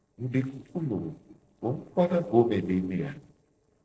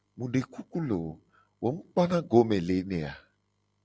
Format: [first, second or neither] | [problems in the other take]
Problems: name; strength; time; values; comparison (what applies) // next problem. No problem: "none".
second | noise reduction (neural separator model SepFormer DNS4)